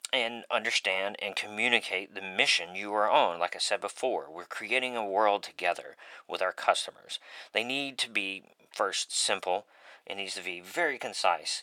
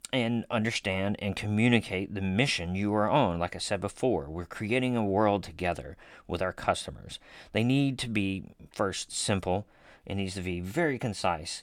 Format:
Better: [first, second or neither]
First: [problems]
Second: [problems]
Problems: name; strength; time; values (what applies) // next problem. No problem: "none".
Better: second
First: thin; very; fading below 650 Hz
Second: none